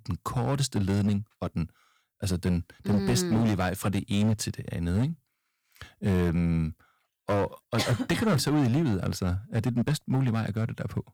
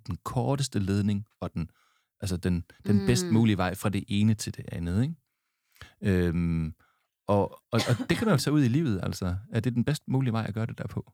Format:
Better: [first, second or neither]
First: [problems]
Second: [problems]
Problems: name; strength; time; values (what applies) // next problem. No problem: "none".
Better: second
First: distortion; slight; 8% of the sound clipped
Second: none